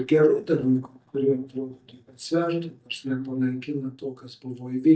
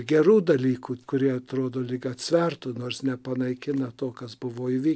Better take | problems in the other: second | noise reduction (neural mask model DeepFilterNet 3)

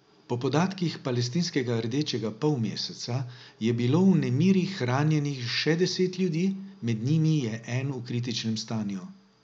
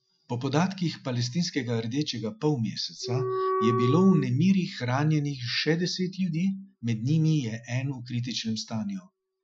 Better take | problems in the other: first | noise reduction (classical method Wiener filter)

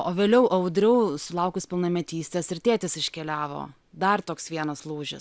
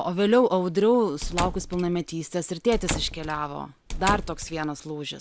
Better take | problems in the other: first | background sound (Squeak / Slam / Wood); 8 dB below the speech

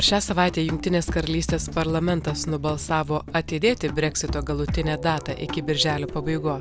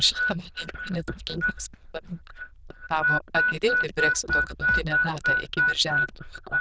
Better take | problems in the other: first | noise reduction (neural diffusion model UNIVERSE++)

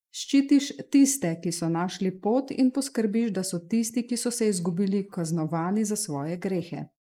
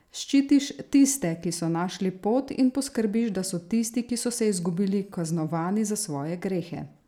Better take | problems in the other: second | noise reduction (neural mask model Resemble Enhance denoiser)

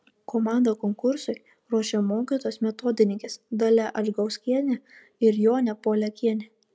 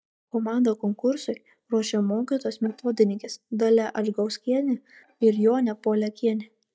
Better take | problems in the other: first | noise reduction (neural mask model DeepFilterNet 3)

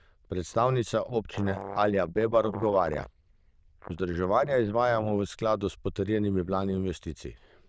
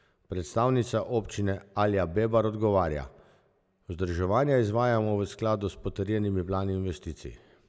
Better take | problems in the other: second | noise reduction (neural diffusion model UNIVERSE++)

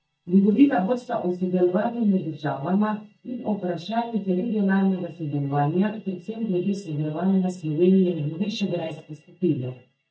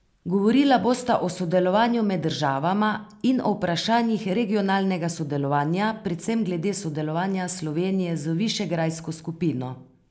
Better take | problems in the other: second | noise reduction (neural mask model DeepFilterNet 3)

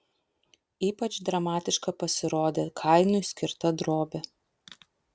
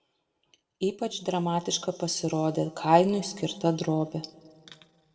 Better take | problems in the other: first | room echo; dies away in 1.1 s

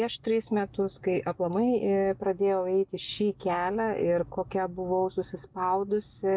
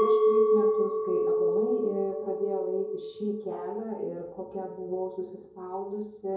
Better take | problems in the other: first | background sound (Chink, clink); 5 dB above the speech // room echo; dies away in 2.6 s

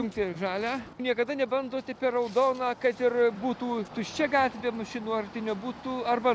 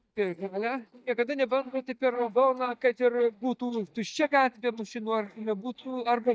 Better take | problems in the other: first | noise reduction (neural mask model DeepFilterNet 3)

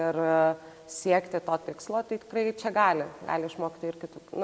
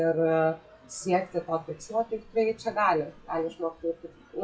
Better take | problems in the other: first | noise reduction (classical method WPE with log-MMSE)

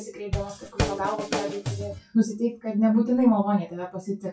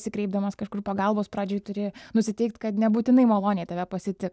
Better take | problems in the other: second | noise reduction (classical method WPE with log-MMSE)

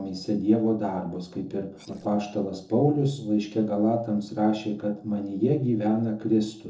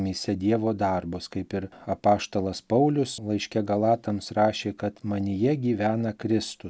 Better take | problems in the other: second | noise reduction (neural separator model SepFormer DNS4)

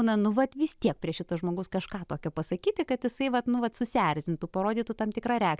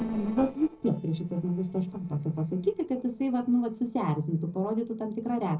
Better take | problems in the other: first | noise reduction (neural separator model SepFormer DNS4)

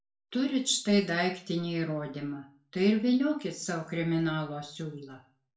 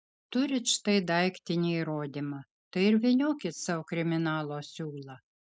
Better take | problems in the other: second | room echo; dies away in 0.3 s

